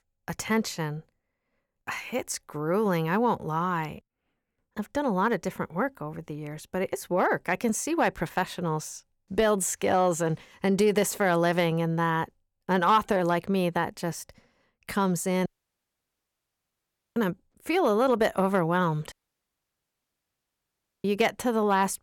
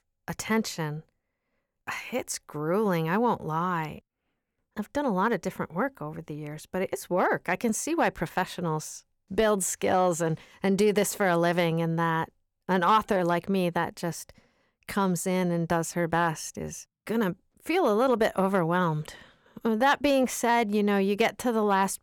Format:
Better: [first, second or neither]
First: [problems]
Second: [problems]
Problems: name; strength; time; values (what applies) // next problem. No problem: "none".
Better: second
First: audio cutting out; at 15 s for 1.5 s and at 19 s for 2 s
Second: none